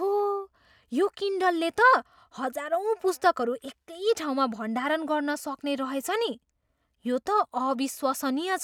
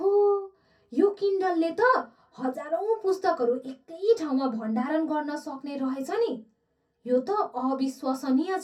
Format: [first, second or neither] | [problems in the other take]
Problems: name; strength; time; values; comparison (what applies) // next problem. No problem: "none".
first | room echo; dies away in 0.3 s